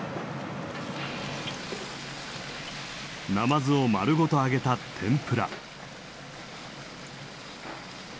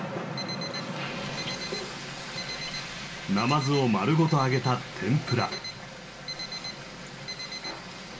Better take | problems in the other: first | background sound (Alarm); 12 dB below the speech // room echo; dies away in 0.8 s

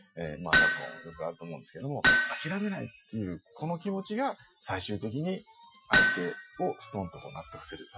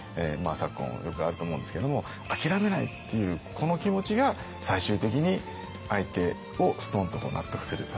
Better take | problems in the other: second | noise reduction (classical method Wiener filter)

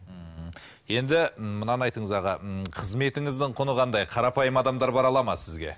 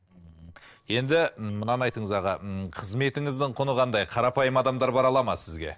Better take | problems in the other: first | noise reduction (neural separator model SepFormer DNS4)

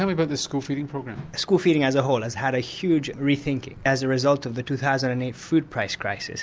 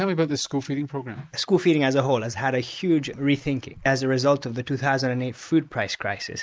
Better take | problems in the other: first | noise reduction (neural mask model Resemble Enhance denoiser)

